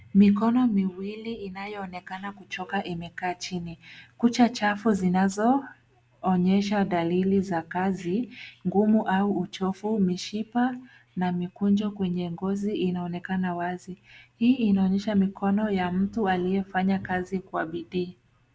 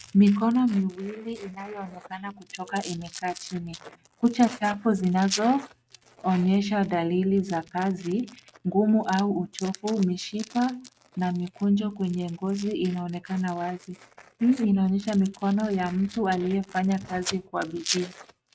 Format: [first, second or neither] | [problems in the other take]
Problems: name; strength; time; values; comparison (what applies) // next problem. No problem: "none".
first | noise reduction (neural mask model RNNoise)